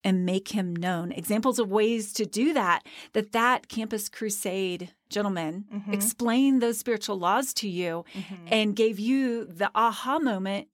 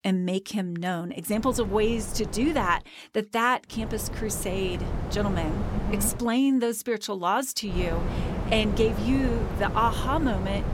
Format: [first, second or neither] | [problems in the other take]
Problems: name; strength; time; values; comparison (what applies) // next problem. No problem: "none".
first | wind noise on the microphone; heavy; from 1.5 to 3 s, from 4 to 6 s and from 7.5 s on; 10 dB below the speech